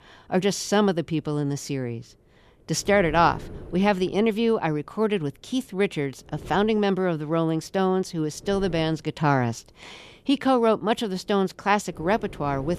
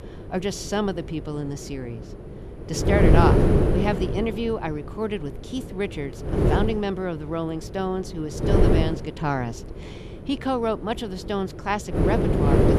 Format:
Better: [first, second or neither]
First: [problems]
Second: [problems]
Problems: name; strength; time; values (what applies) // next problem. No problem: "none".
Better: first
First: wind noise on the microphone; occasional gusts; 25 dB below the speech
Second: wind noise on the microphone; heavy; 2 dB above the speech